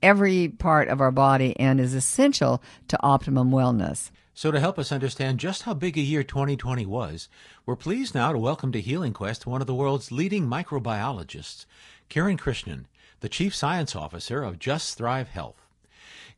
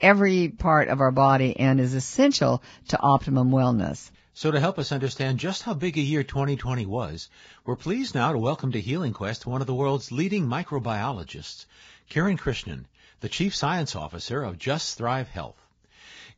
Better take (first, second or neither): first